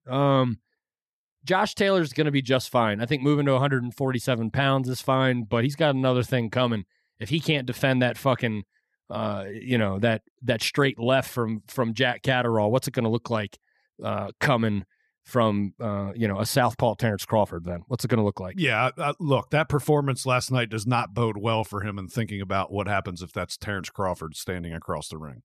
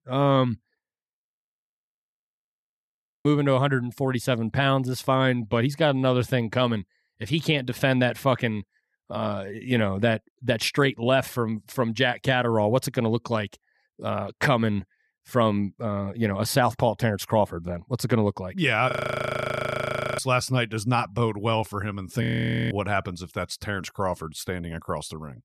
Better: first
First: none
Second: audio freezing; at 1.5 s for 2 s, at 19 s for 1.5 s and at 22 s

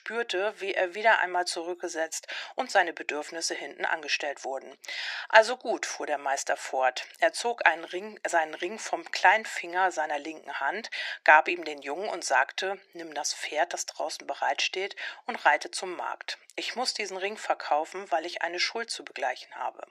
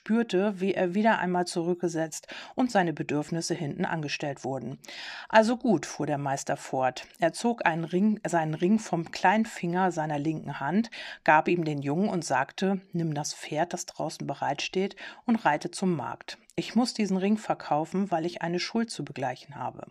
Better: second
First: thin; very; fading below 450 Hz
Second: none

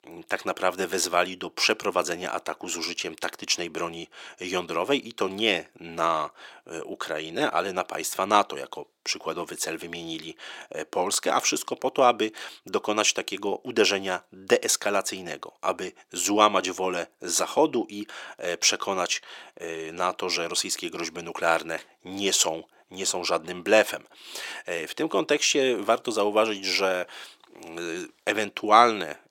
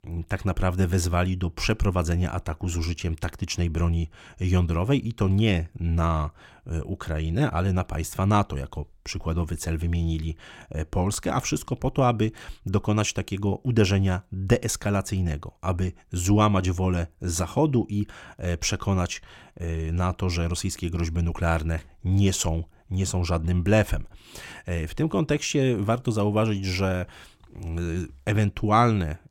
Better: second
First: thin; very; fading below 400 Hz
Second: none

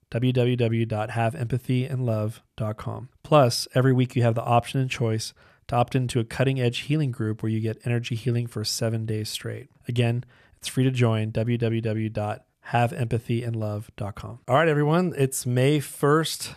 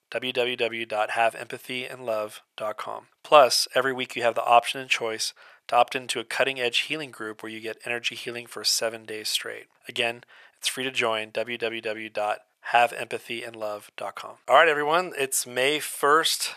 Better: first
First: none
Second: thin; very; fading below 700 Hz

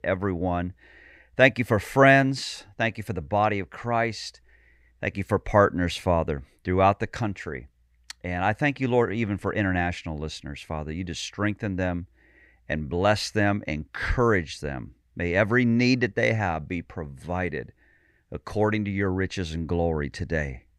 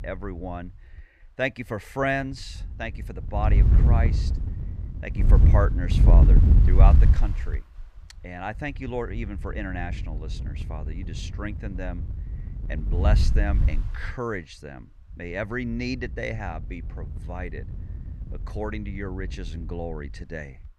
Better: first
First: none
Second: wind noise on the microphone; heavy; 7 dB below the speech

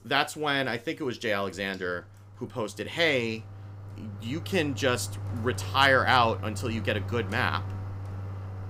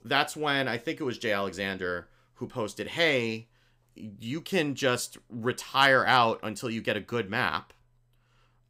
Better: second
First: household noises; noticeable; throughout; 10 dB below the speech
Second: none

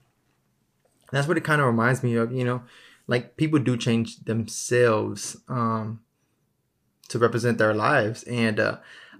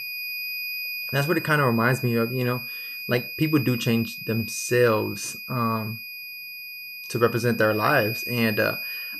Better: first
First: none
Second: high-pitched whine; loud; throughout; 2.5 kHz, 7 dB below the speech

